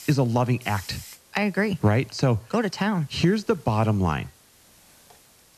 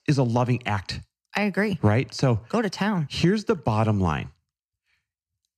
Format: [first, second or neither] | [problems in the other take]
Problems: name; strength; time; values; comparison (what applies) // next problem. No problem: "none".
second | hiss; faint; throughout; 25 dB below the speech